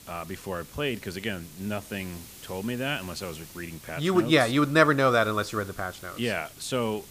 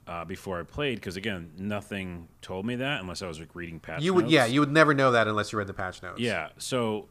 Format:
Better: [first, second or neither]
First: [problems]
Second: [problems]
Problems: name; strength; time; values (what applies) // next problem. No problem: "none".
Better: second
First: hiss; noticeable; throughout; 20 dB below the speech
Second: none